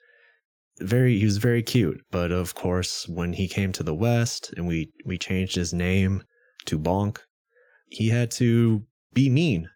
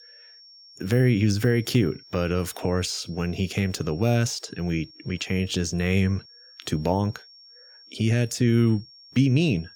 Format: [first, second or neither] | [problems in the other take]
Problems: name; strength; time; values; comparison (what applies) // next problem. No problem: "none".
first | high-pitched whine; faint; throughout; 5.5 kHz, 25 dB below the speech